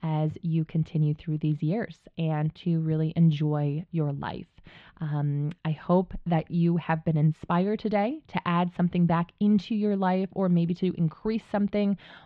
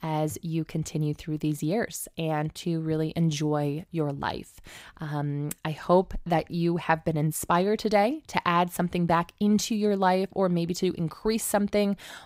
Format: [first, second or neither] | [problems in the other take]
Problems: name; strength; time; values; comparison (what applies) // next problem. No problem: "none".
second | muffled; slightly; fading above 3.5 kHz